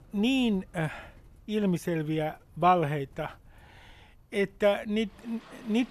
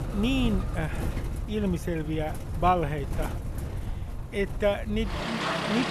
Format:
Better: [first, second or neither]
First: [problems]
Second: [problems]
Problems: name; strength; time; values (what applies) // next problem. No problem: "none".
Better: first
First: traffic noise; faint; throughout; 25 dB below the speech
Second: traffic noise; loud; throughout; 4 dB below the speech